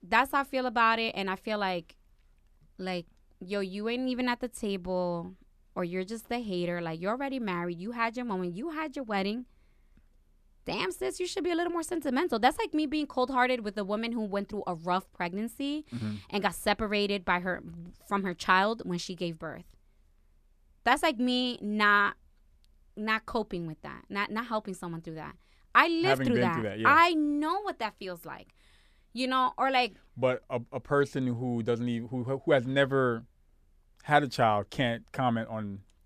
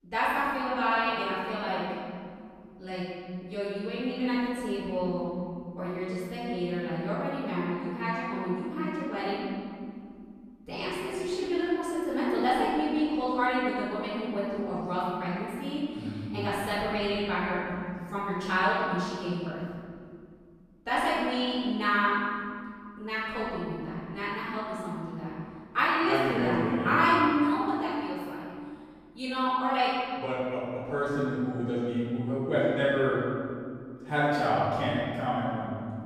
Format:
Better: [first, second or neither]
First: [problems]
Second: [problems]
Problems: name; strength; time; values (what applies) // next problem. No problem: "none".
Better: first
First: none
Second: off-mic speech; far // room echo; strong; dies away in 2.3 s